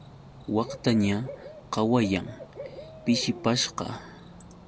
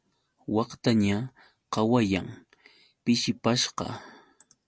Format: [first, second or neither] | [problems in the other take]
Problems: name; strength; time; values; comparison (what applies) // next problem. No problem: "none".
second | background sound (Cricket / Bird); 15 dB below the speech